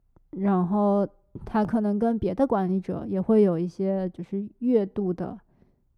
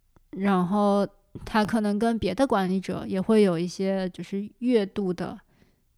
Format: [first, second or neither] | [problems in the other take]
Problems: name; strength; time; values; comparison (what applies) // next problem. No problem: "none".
second | muffled; very; fading above 1.5 kHz